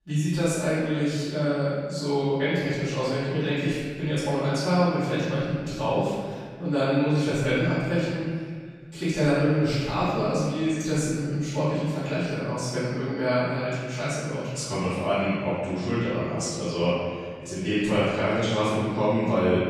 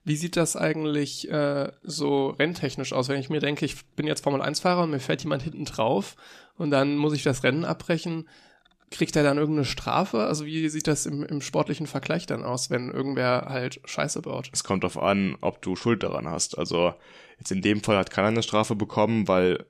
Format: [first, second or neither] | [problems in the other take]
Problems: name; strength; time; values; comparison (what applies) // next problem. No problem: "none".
second | off-mic speech; far // room echo; strong; dies away in 2 s